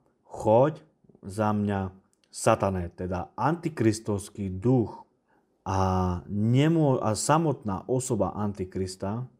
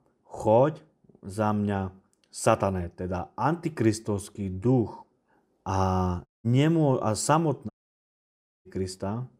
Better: first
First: none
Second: audio cutting out; at 6.5 s and at 7.5 s for 1 s

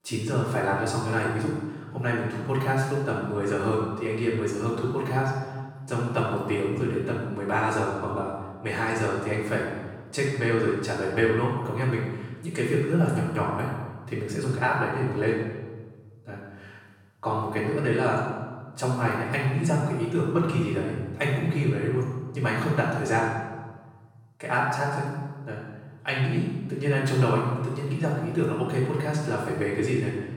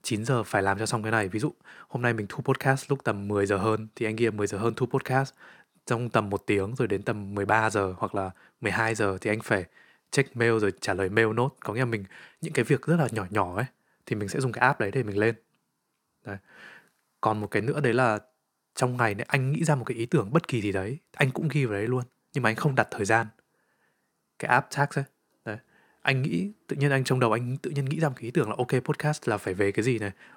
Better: second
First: room echo; strong; dies away in 1.2 s // off-mic speech; far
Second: none

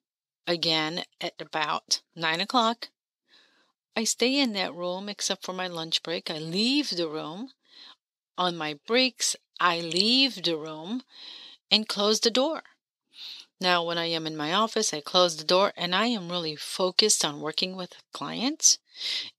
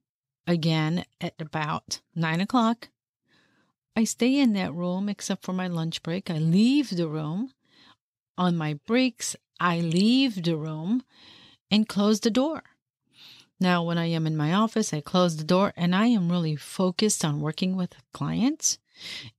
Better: second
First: thin; somewhat; fading below 450 Hz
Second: none

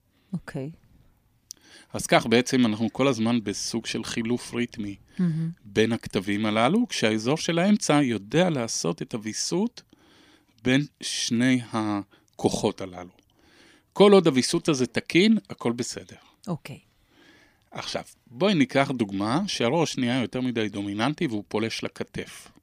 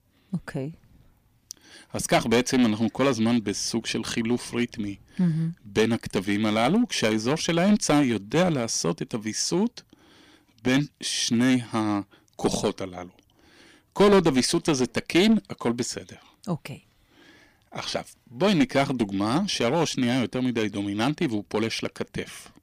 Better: first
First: none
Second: distortion; slight; 3% of the sound clipped

